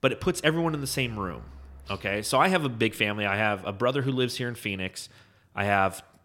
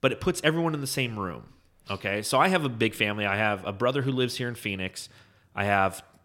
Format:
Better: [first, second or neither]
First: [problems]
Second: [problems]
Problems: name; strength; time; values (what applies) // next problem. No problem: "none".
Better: second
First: traffic noise; faint; until 1.5 s; 25 dB below the speech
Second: none